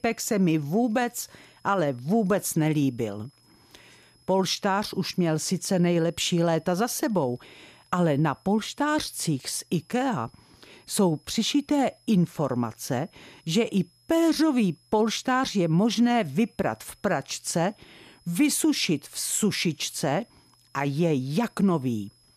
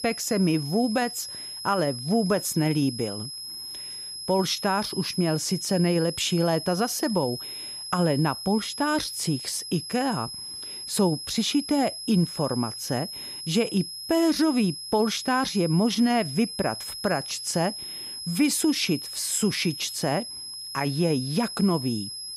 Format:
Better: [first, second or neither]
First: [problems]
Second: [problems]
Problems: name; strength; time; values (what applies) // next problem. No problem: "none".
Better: first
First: high-pitched whine; faint; throughout; 5 kHz, 35 dB below the speech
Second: high-pitched whine; loud; throughout; 5 kHz, 8 dB below the speech